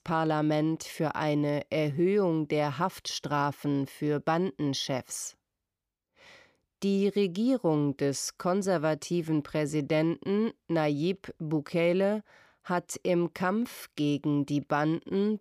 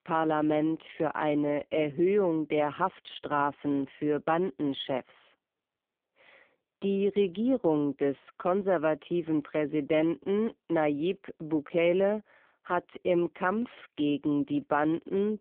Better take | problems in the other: first | phone-call audio; poor line; nothing above 3.5 kHz

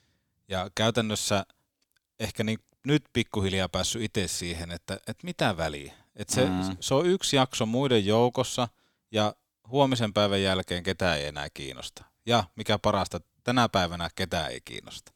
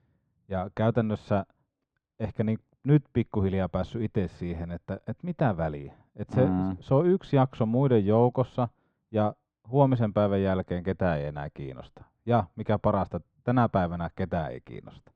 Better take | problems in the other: first | muffled; very; fading above 1 kHz

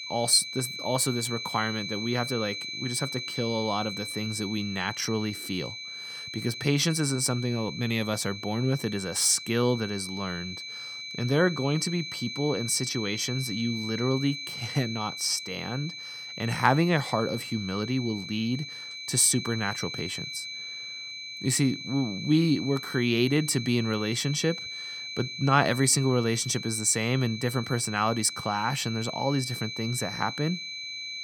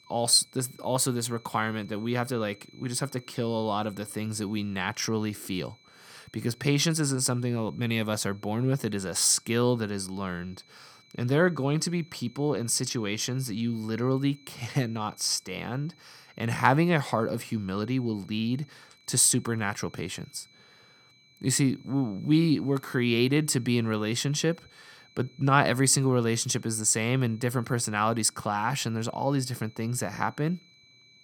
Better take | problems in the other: second | high-pitched whine; loud; throughout; 4 kHz, 8 dB below the speech; faint in the second

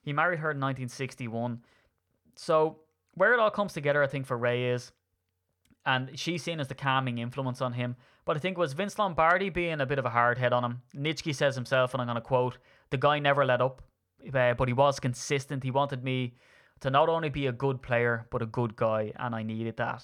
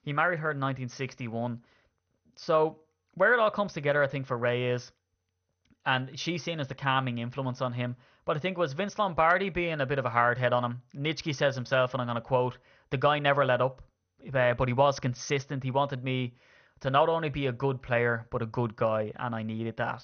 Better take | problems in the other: first | garbled, watery; slightly; nothing above 6.5 kHz

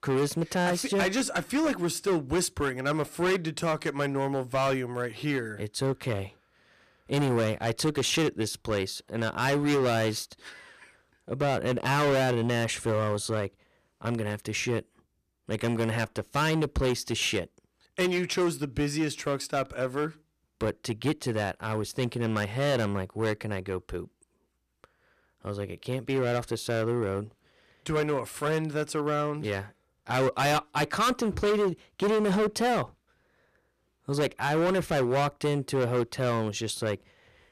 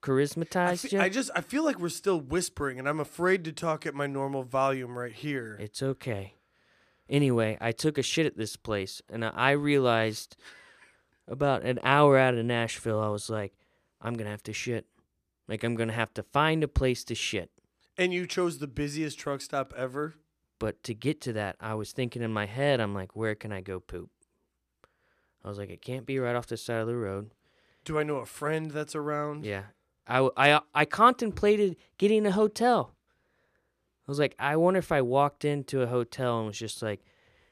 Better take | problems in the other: second | distortion; heavy; 11% of the sound clipped

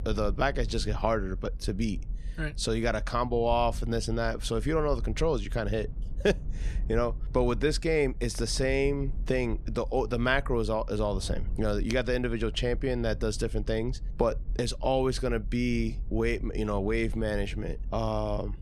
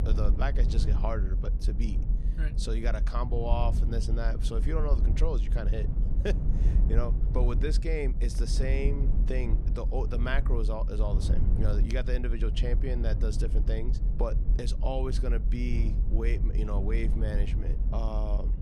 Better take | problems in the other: first | low rumble; loud; throughout; 9 dB below the speech; faint in the first

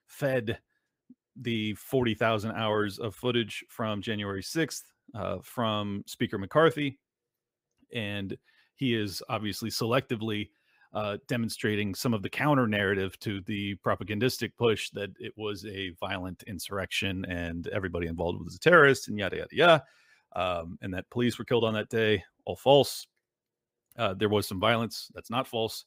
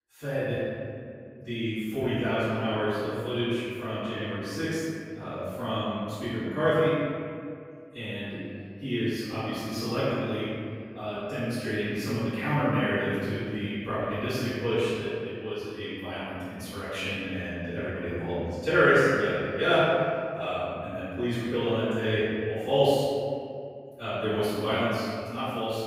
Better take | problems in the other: first | off-mic speech; far // room echo; strong; dies away in 2.1 s

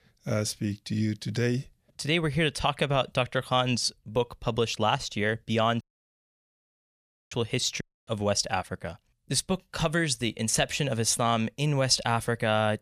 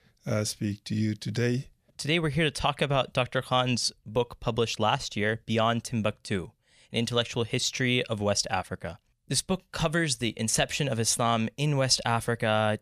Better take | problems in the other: second | audio cutting out; at 6 s for 1.5 s and at 8 s

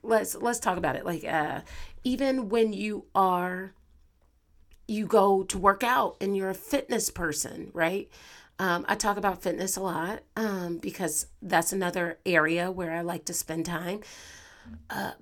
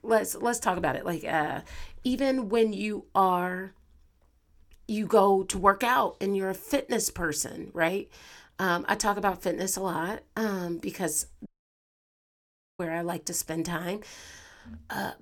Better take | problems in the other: first | audio cutting out; at 11 s for 1.5 s

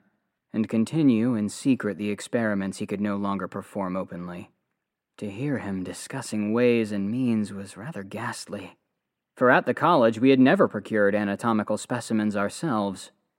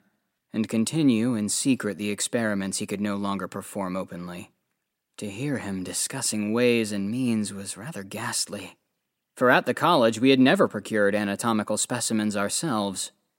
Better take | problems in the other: second | muffled; slightly; fading above 3 kHz

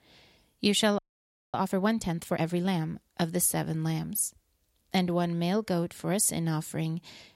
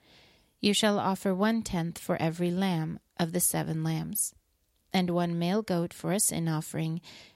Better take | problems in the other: second | audio freezing; at 1 s for 0.5 s

